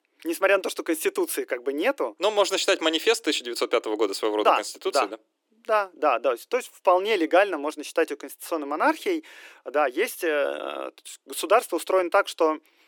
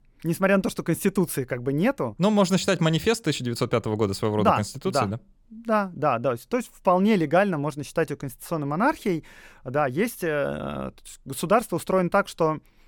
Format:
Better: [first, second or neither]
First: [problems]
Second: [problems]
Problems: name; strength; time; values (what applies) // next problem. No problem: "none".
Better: second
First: thin; very; fading below 300 Hz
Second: none